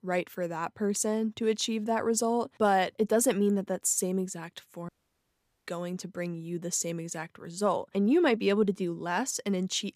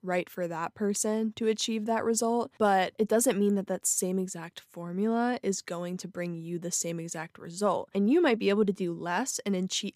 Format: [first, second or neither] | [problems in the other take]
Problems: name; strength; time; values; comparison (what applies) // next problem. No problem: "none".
second | audio cutting out; at 5 s for 1 s